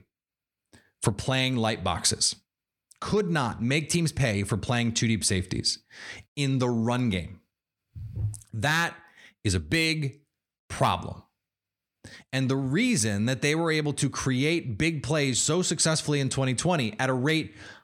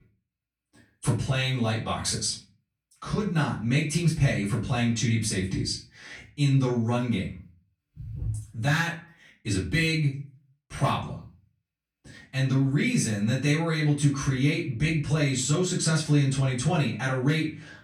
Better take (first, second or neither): first